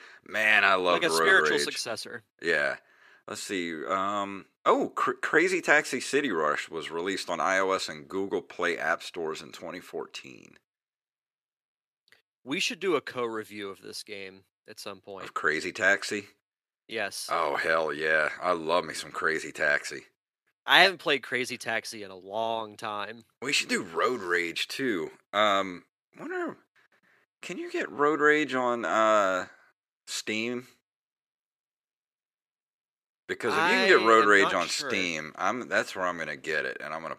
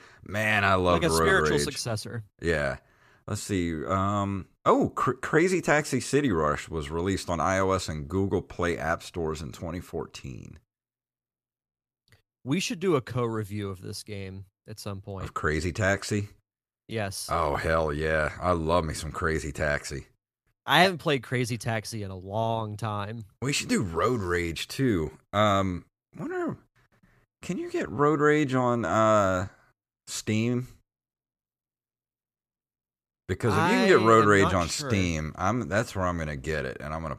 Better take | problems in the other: second | thin; somewhat; fading below 350 Hz

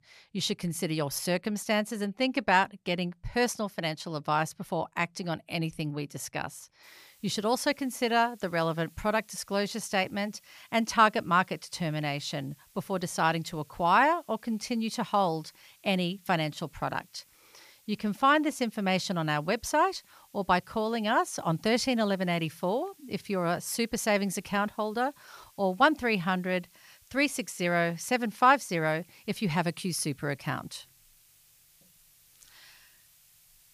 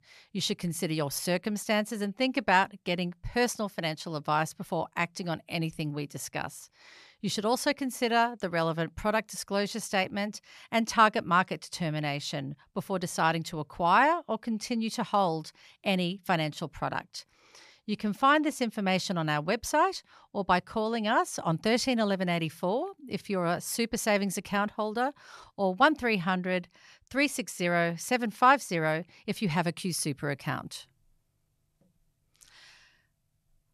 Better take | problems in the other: second | hiss; faint; from 7 s on; 30 dB below the speech

